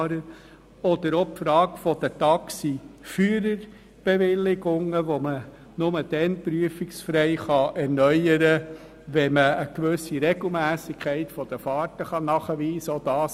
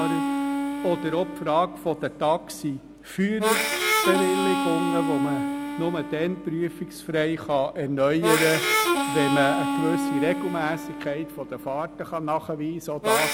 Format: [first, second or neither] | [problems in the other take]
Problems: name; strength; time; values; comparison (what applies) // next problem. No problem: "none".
first | background sound (Harmonica); 1 dB below the speech